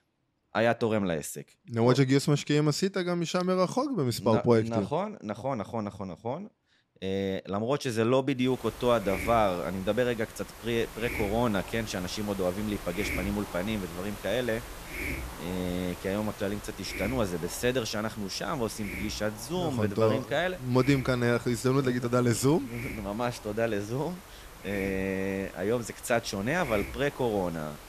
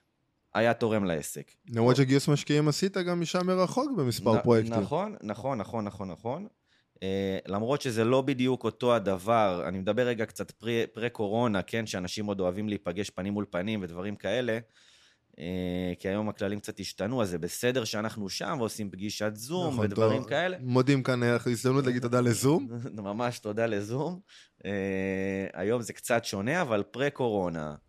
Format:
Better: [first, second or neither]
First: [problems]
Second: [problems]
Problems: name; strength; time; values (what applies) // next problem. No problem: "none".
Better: second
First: hiss; noticeable; from 8.5 s on; 10 dB below the speech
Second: none